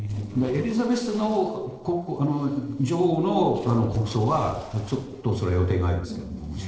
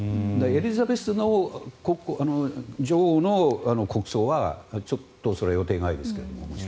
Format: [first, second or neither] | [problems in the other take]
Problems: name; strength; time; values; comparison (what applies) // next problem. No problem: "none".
second | noise reduction (neural separator model SepFormer DNS4)